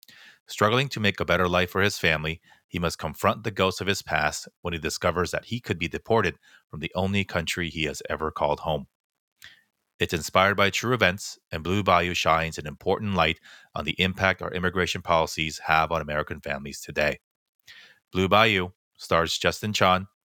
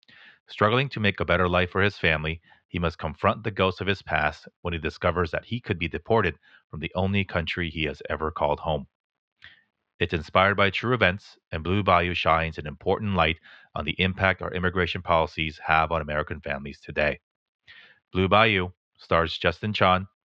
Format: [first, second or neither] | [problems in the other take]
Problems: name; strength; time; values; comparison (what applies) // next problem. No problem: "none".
first | muffled; slightly; fading above 3.5 kHz